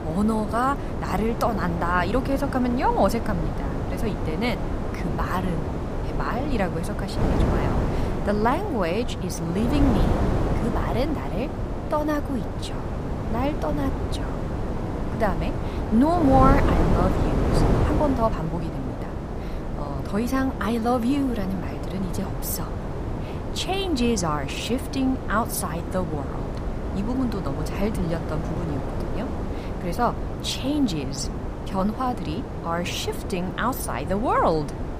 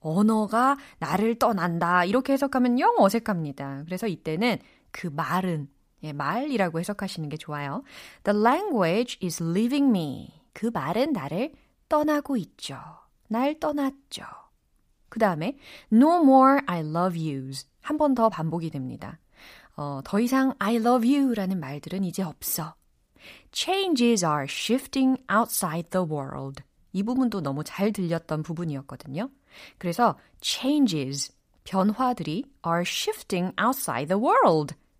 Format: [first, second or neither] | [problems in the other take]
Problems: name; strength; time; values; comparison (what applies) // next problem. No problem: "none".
second | wind noise on the microphone; heavy; 6 dB below the speech